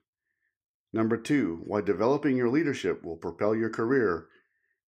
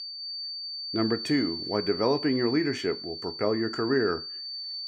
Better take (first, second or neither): first